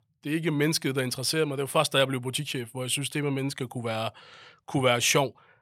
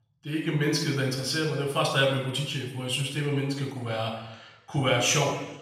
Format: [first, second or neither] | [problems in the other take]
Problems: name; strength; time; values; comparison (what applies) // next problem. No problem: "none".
first | room echo; noticeable; dies away in 0.9 s // off-mic speech; far